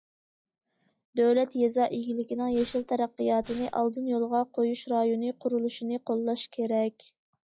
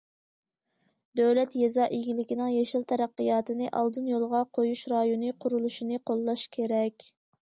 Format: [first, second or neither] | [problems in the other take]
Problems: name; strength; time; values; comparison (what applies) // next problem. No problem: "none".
second | noise reduction (classical method log-MMSE)